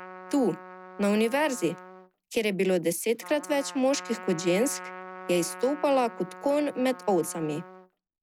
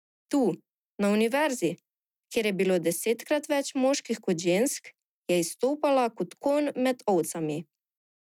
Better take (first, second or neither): second